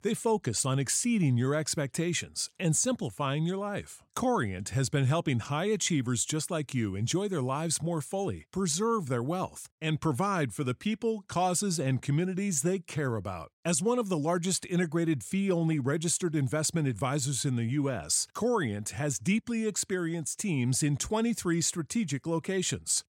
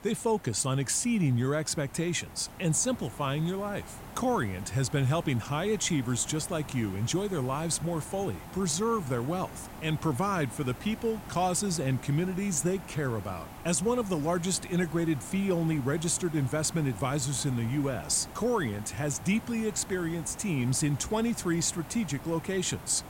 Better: first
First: none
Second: hiss; noticeable; throughout; 15 dB below the speech

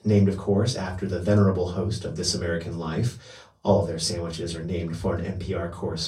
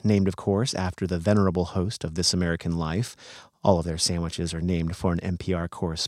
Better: second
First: off-mic speech; far // room echo; very slight; dies away in 0.2 s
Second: none

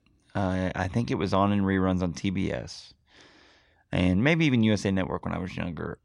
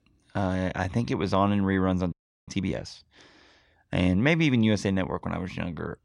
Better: first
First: none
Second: audio freezing; at 2 s

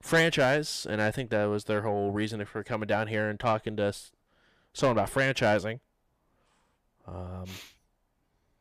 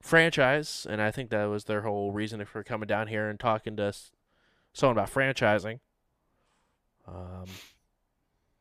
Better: second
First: distortion; slight; 10 dB below the speech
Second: none

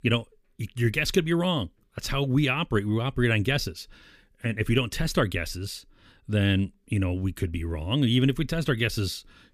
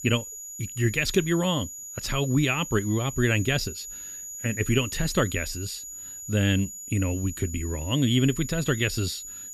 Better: first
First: none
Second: high-pitched whine; loud; throughout; 7 kHz, 10 dB below the speech

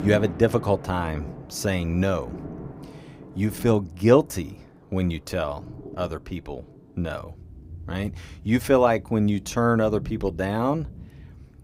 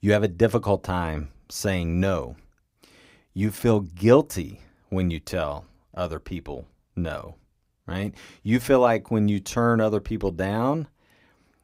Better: second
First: rain or running water; noticeable; throughout; 15 dB below the speech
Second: none

